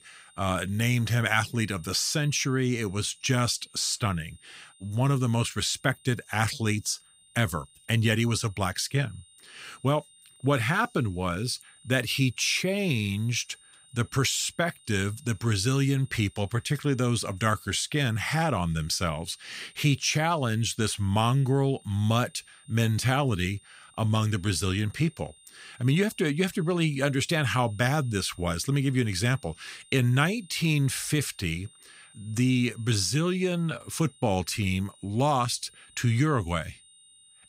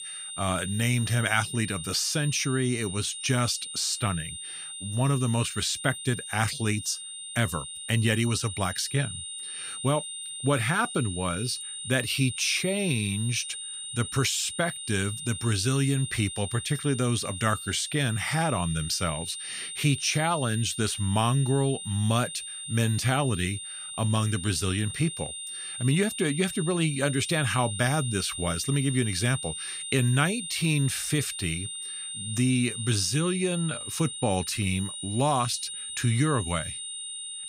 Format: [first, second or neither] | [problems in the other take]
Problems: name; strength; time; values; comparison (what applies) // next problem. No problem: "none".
first | high-pitched whine; loud; throughout; 9 kHz, 7 dB below the speech; faint in the first